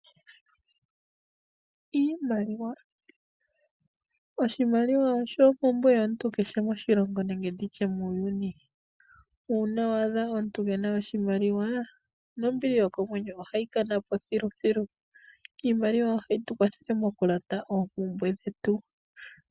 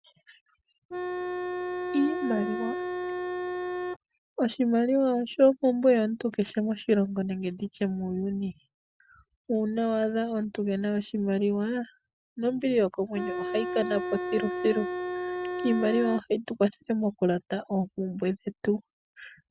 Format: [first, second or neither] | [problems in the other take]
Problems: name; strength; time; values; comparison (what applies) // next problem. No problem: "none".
first | background sound (Organ); 4 dB below the speech